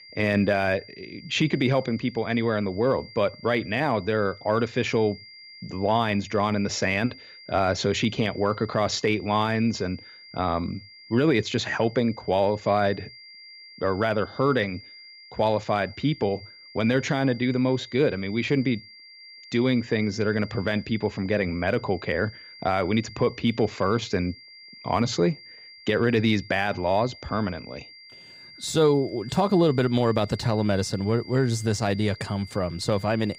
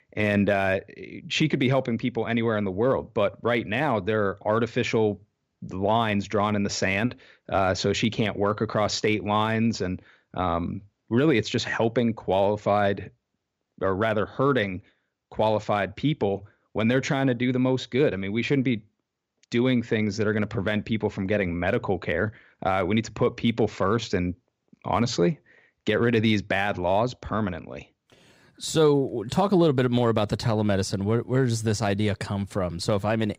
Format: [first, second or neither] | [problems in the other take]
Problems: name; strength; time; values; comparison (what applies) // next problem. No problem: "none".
second | high-pitched whine; noticeable; throughout; 4.5 kHz, 20 dB below the speech